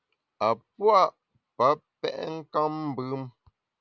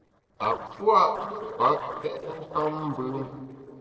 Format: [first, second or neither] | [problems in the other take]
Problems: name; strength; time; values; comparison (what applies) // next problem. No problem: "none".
first | noise reduction (neural separator model SepFormer DNS4)